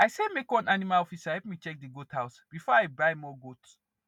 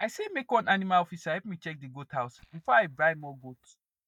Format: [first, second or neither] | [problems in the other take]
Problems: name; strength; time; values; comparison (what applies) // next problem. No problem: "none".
first | noise reduction (neural mask model DeepFilterNet 3)